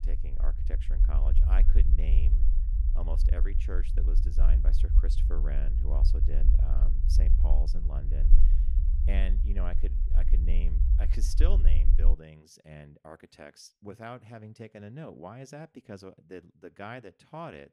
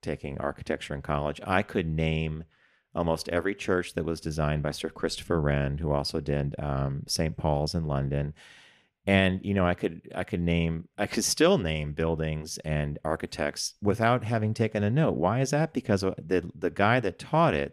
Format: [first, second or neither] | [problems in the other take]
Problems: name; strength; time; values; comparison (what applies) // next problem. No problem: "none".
second | low rumble; loud; until 12 s; 5 dB below the speech